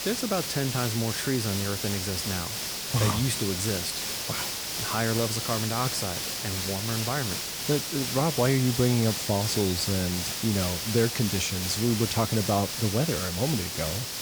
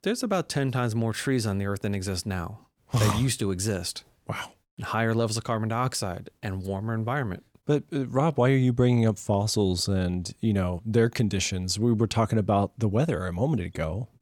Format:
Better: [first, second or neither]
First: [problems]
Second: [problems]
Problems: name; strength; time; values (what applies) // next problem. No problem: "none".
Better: second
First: hiss; loud; throughout; 1 dB below the speech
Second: none